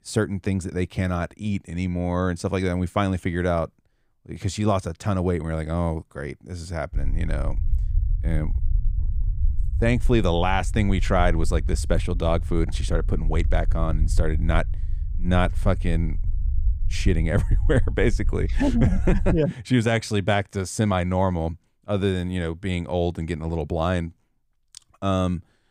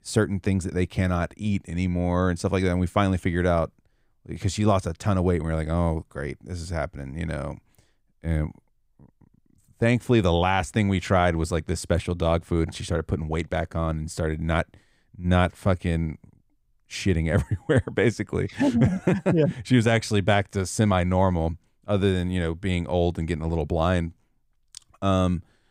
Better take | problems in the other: second | low rumble; faint; from 7 to 19 s; 20 dB below the speech

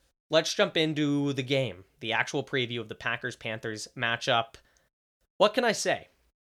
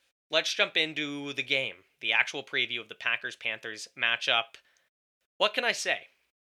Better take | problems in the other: first | thin; somewhat; fading below 1 kHz

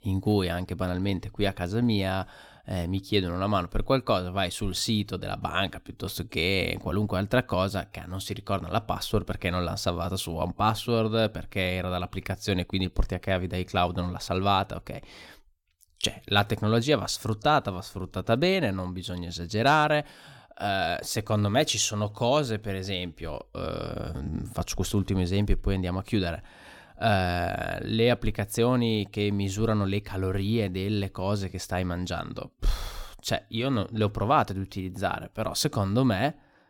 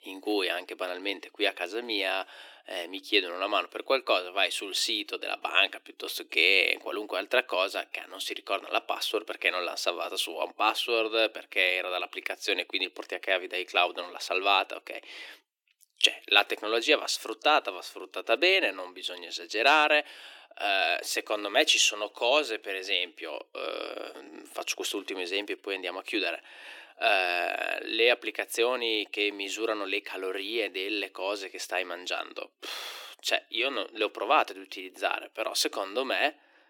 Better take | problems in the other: first | thin; very; fading below 300 Hz

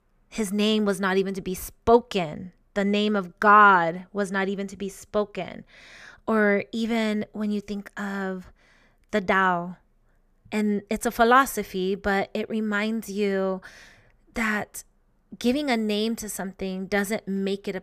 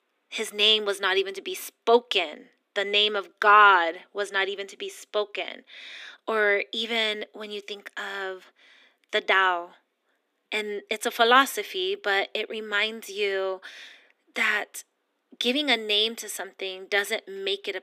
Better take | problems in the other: first | thin; somewhat; fading below 250 Hz

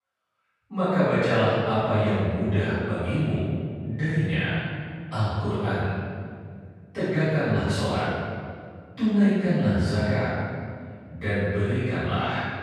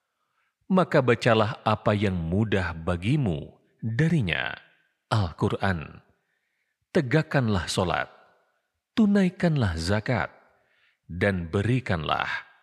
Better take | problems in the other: second | off-mic speech; far // room echo; strong; dies away in 1.9 s

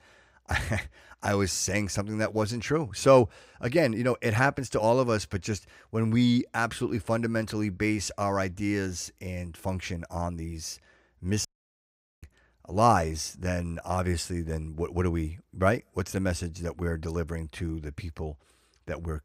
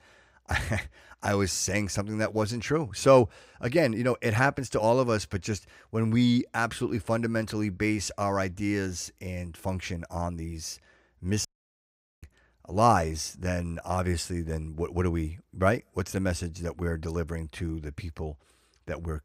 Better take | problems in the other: neither | audio cutting out; at 11 s for 1 s; the same in both

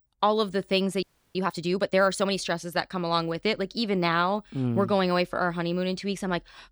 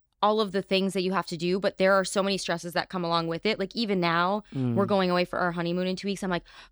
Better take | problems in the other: second | audio freezing; at 1 s

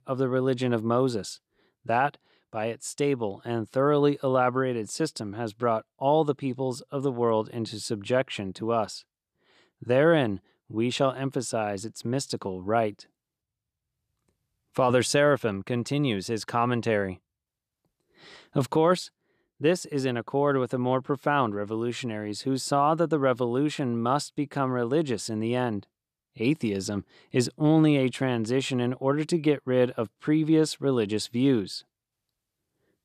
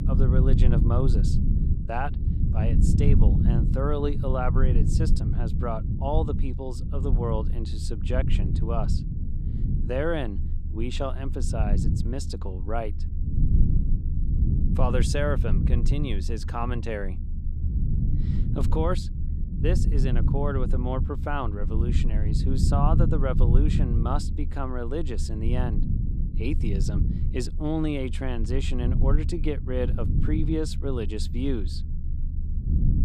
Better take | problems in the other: first | low rumble; loud; throughout; 7 dB below the speech

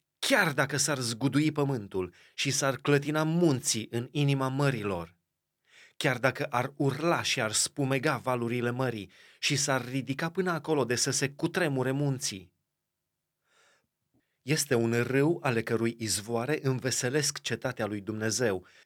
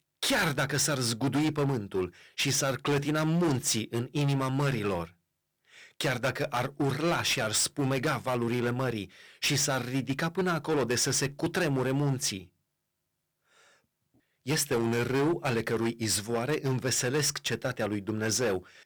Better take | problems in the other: first | distortion; heavy; 12% of the sound clipped

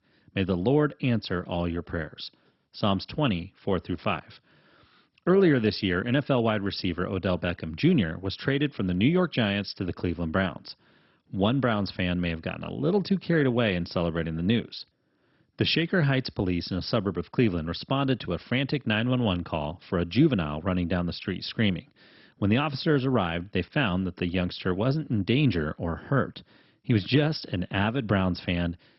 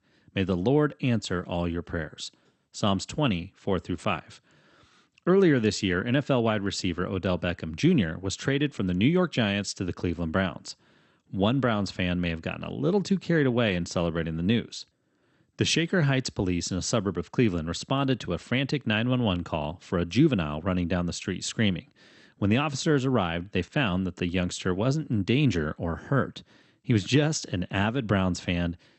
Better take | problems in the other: second | garbled, watery; badly; nothing above 5.5 kHz; slightly in the second

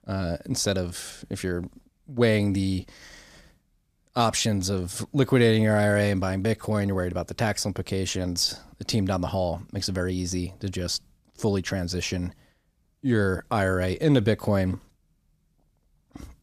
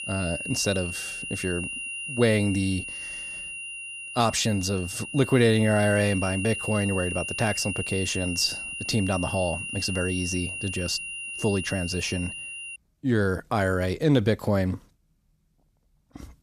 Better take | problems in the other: first | high-pitched whine; loud; until 13 s; 3 kHz, 6 dB below the speech

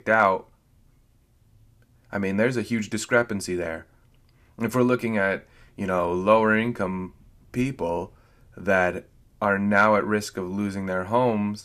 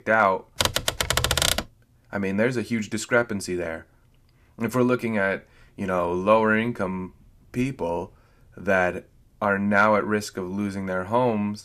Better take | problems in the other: first | keyboard typing; loud; from 0.5 to 1.5 s; peak 3 dB above the speech

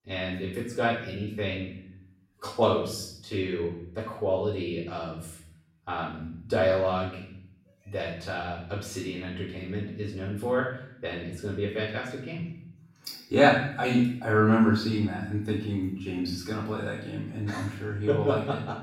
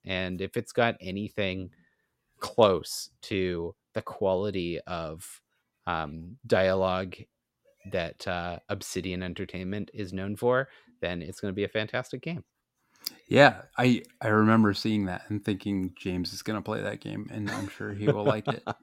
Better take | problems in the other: second | off-mic speech; far // room echo; noticeable; dies away in 0.7 s

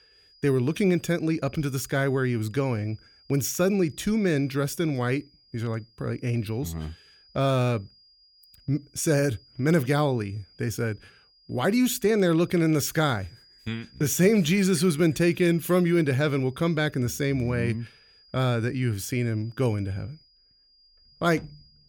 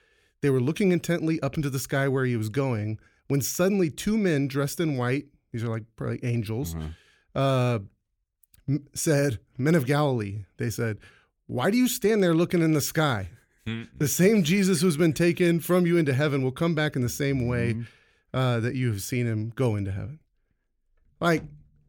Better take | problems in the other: second | high-pitched whine; faint; throughout; 5 kHz, 30 dB below the speech

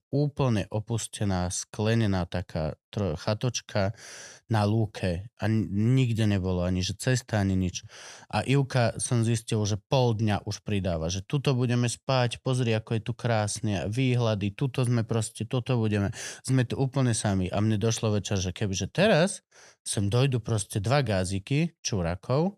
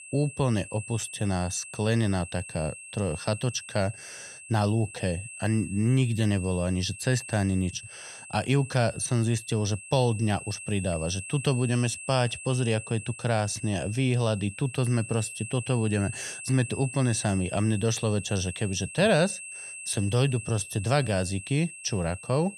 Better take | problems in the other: first | high-pitched whine; noticeable; throughout; 2.5 kHz, 10 dB below the speech

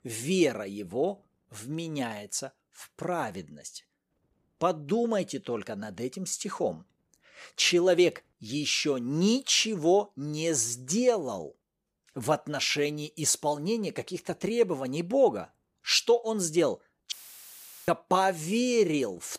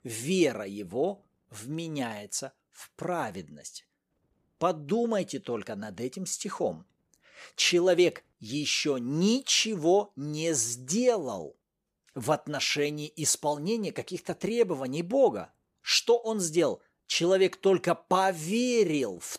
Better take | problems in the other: second | audio cutting out; filled with static; at 17 s for 1 s

